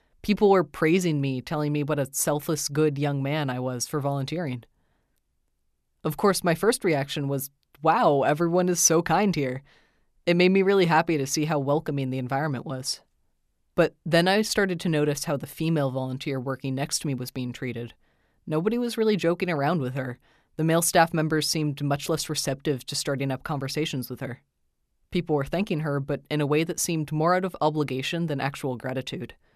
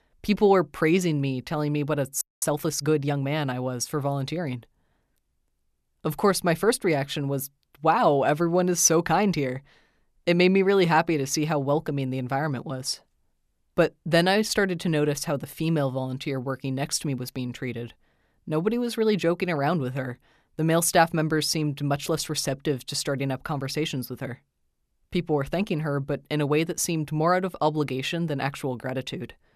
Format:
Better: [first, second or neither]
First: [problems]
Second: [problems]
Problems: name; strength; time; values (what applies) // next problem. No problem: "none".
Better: first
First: none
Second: audio freezing; at 2 s